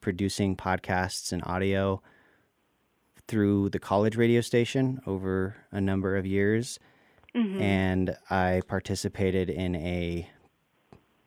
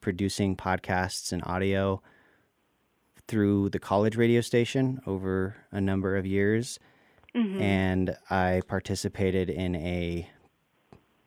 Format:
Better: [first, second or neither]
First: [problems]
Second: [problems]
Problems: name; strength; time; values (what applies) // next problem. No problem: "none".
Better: neither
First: none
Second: none